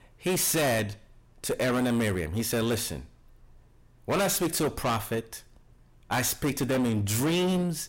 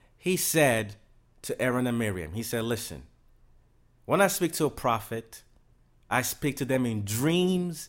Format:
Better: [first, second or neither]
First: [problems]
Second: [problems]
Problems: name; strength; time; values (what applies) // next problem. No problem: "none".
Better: second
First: distortion; heavy; 18% of the sound clipped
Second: none